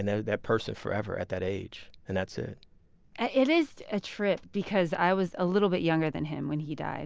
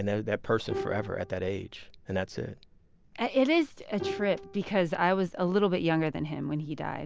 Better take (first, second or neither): first